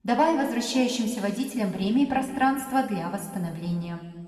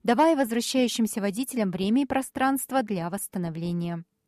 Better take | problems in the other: second | room echo; slight; dies away in 1.9 s // off-mic speech; somewhat distant

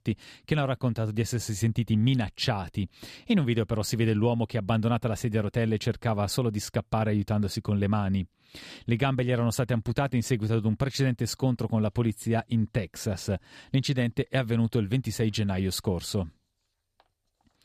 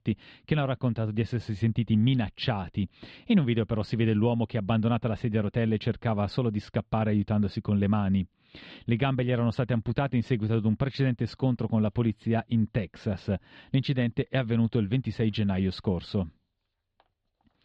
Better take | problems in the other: first | muffled; slightly; fading above 3.5 kHz

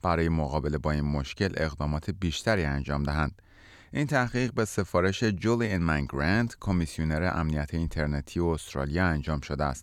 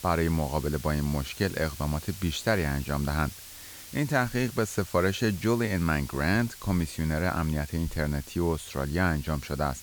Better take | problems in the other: first | hiss; noticeable; throughout; 15 dB below the speech

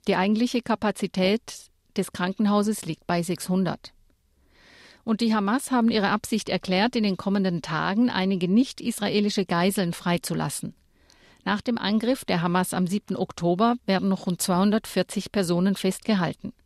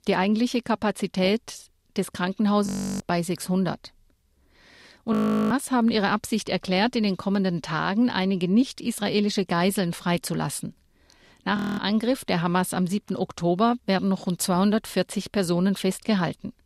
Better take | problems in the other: first | audio freezing; at 2.5 s, at 5 s and at 12 s

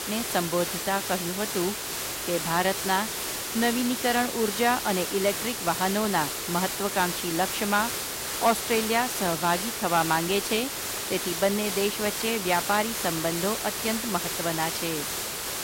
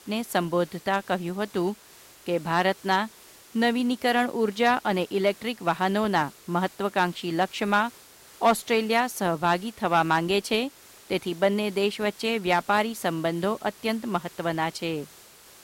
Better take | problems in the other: second | hiss; loud; throughout; 2 dB below the speech; faint in the second

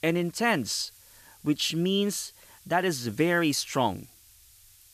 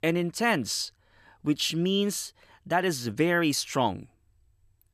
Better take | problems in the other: second | hiss; faint; throughout; 25 dB below the speech

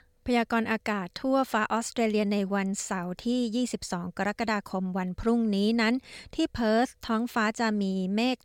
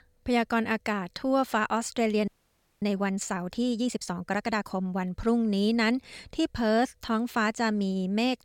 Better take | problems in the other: first | audio freezing; at 2.5 s for 0.5 s

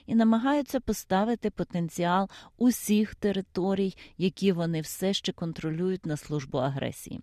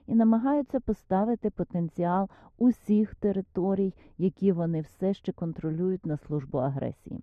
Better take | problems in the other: first | muffled; very; fading above 2 kHz

